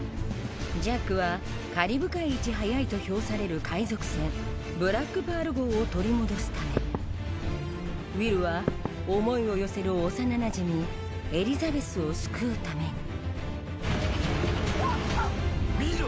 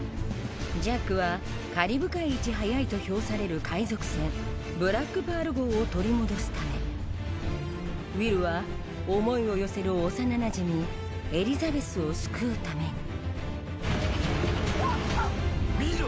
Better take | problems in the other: second | background sound (Knock / Wood); 7 dB below the speech

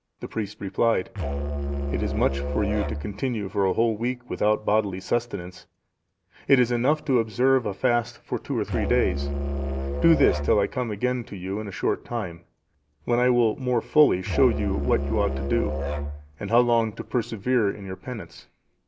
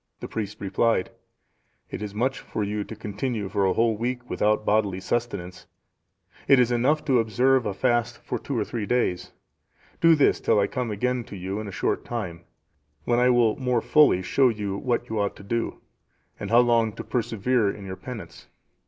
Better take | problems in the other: second | background sound (Musical instrument); 3 dB below the speech

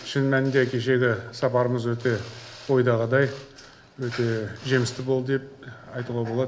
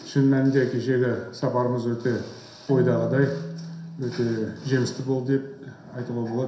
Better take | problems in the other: first | background sound (Marimba, xylophone); 13 dB below the speech // room echo; dies away in 0.7 s

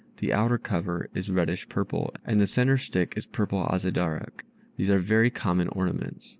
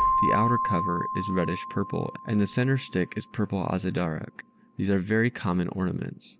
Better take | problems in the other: first | background sound (Keyboard (musical)); 4 dB below the speech

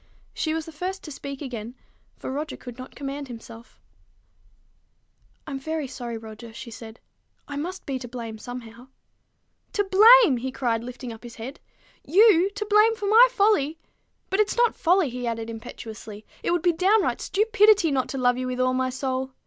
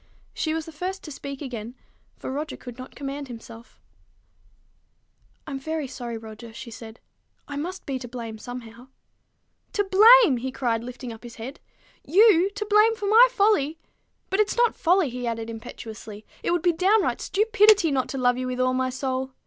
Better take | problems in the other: first | background sound (Clapping); 10 dB below the speech

